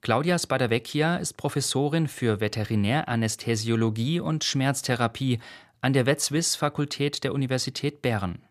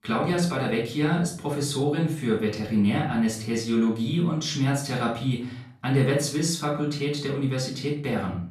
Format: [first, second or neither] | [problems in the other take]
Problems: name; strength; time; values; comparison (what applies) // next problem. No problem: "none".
first | off-mic speech; far // room echo; slight; dies away in 0.4 s